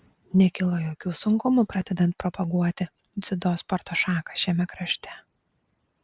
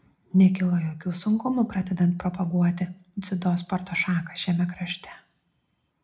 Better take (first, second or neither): first